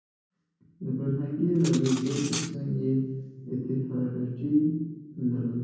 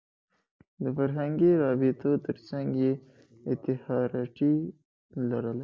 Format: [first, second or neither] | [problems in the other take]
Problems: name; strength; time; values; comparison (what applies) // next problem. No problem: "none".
second | background sound (Cutlery, silverware); 13 dB below the speech // room echo; dies away in 1.1 s